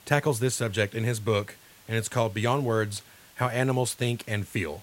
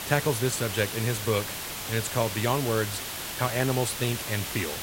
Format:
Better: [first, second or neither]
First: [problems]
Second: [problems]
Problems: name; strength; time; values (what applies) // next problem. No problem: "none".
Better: first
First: hiss; faint; throughout; 25 dB below the speech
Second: hiss; loud; throughout; 4 dB below the speech